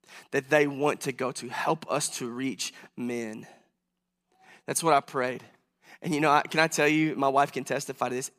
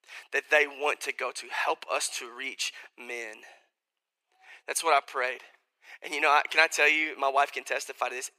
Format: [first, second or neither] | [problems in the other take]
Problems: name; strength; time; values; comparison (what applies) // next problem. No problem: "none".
first | thin; very; fading below 450 Hz